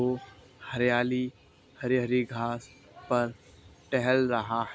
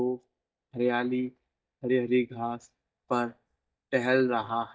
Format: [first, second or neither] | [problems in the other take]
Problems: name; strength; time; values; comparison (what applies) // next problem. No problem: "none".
first | noise reduction (neural mask model DeepFilterNet 3)